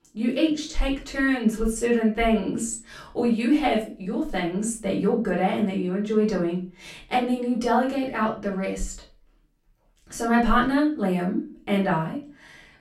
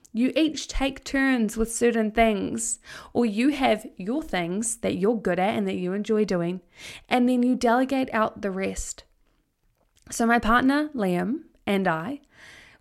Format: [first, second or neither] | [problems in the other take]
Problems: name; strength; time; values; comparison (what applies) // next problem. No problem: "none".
second | off-mic speech; far // room echo; slight; dies away in 0.3 s